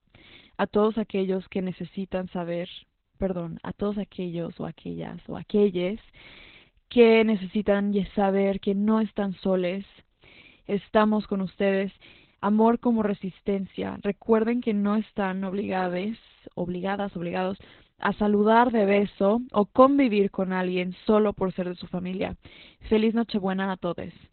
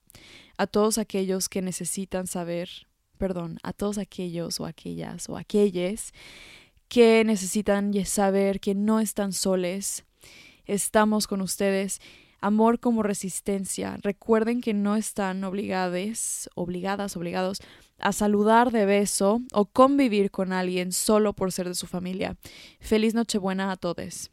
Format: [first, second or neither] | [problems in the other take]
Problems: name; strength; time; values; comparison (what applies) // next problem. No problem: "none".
second | garbled, watery; badly; nothing above 4 kHz